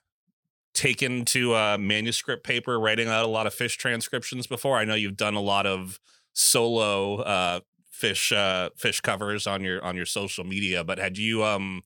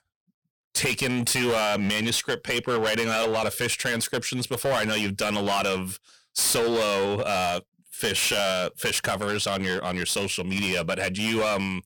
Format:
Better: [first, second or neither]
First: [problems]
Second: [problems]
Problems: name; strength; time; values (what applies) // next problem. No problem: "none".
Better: first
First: none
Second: distortion; heavy; 15% of the sound clipped